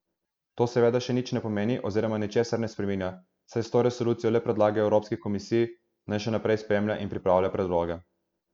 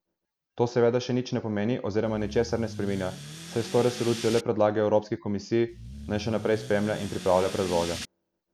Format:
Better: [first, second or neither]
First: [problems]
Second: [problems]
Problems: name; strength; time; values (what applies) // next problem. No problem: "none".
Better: first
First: none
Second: background sound (Accelerating, revving, vroom / Car); 12 dB below the speech